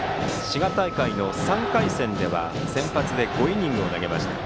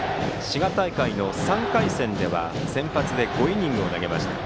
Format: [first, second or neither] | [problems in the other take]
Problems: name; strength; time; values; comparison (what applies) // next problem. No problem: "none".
second | background sound (Hi-hat + Wind instrument, woodwind instrument); 14 dB below the speech